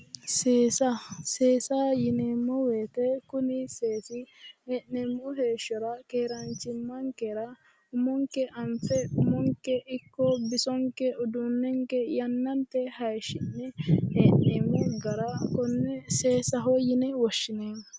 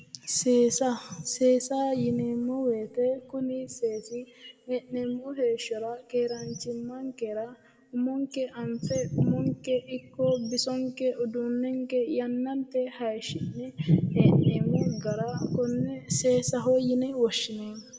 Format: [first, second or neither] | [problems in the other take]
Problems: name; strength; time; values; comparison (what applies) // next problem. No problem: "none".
first | room echo; dies away in 1.6 s